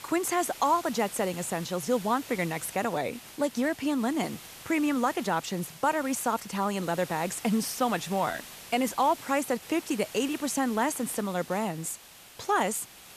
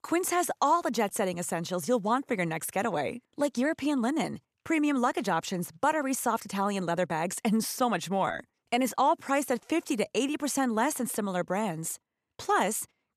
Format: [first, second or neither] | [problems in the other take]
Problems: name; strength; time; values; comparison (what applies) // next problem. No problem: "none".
second | hiss; noticeable; throughout; 15 dB below the speech